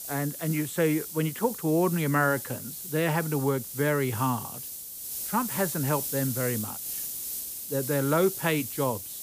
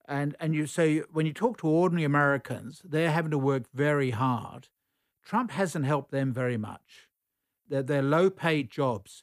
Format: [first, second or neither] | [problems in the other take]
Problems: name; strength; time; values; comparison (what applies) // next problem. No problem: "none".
second | hiss; loud; throughout; 6 dB below the speech